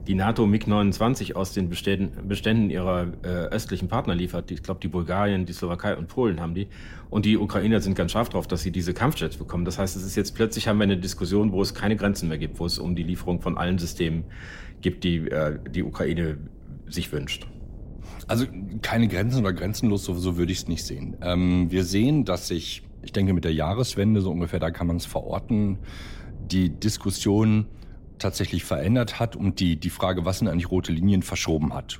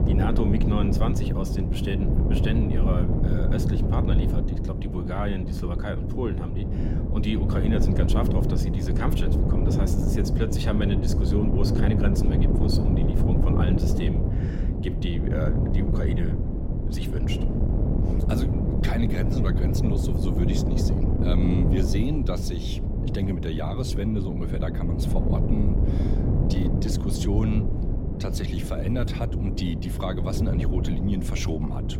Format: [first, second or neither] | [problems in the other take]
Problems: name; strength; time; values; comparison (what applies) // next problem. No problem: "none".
first | wind noise on the microphone; heavy; as loud as the speech; occasional gusts in the first